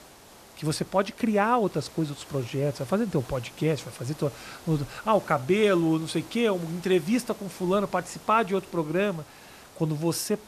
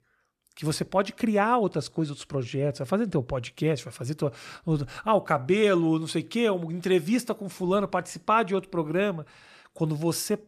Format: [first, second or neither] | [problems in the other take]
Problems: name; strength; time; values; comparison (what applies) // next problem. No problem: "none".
second | hiss; noticeable; throughout; 20 dB below the speech